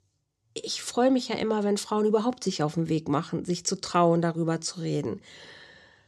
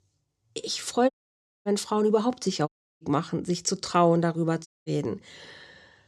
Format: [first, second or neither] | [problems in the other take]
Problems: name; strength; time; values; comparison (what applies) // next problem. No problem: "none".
first | audio cutting out; at 1 s for 0.5 s, at 2.5 s and at 4.5 s